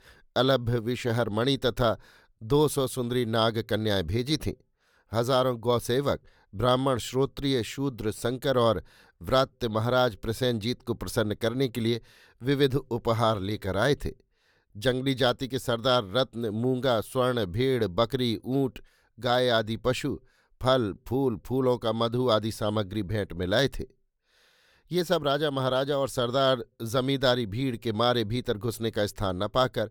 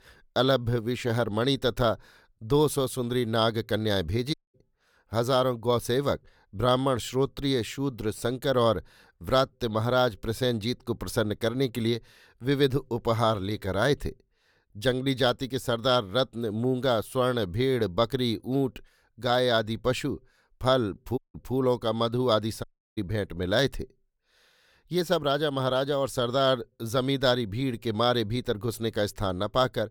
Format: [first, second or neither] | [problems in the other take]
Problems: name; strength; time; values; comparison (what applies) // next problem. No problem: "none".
first | audio cutting out; at 4.5 s, at 21 s and at 23 s